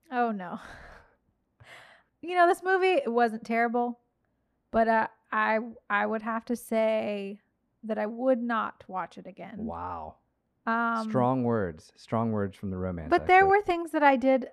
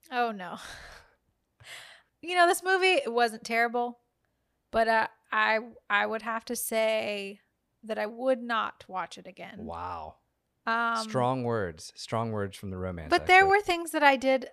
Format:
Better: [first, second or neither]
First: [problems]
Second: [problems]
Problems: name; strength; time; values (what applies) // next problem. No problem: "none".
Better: second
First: muffled; slightly; fading above 2.5 kHz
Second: none